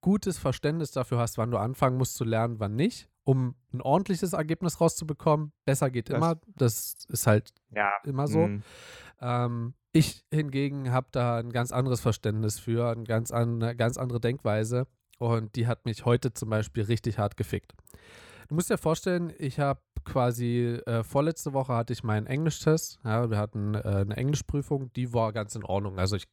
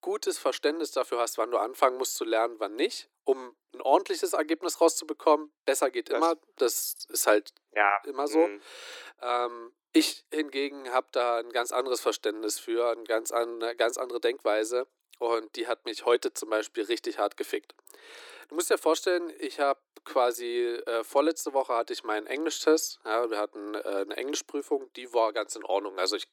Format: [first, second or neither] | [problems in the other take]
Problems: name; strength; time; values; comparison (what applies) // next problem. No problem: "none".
first | thin; very; fading below 300 Hz